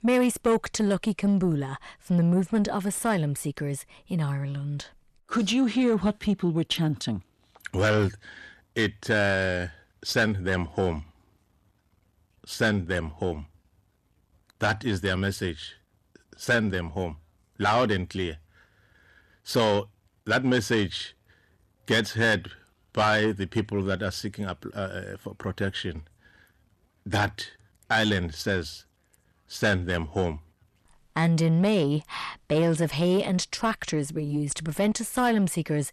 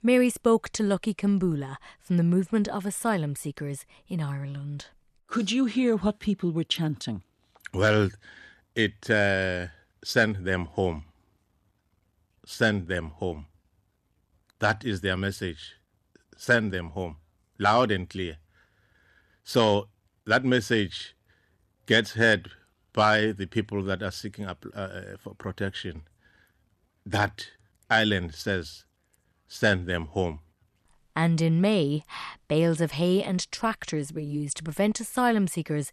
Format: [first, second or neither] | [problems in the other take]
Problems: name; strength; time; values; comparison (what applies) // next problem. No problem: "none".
second | distortion; slight; 10 dB below the speech